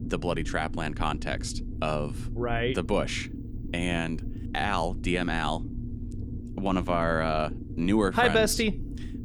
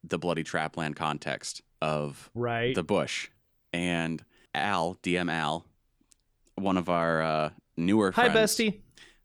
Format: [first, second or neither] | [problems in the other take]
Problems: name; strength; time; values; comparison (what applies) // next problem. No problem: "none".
second | low rumble; noticeable; throughout; 15 dB below the speech